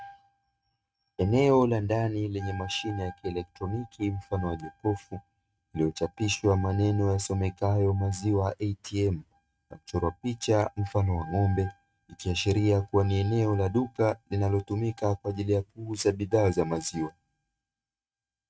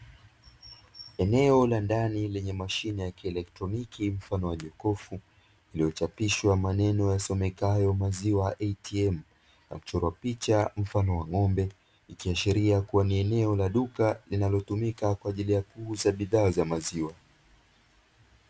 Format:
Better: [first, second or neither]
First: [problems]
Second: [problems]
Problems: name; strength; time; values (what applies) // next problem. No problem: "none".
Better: second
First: noise reduction (neural mask model RNNoise)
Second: none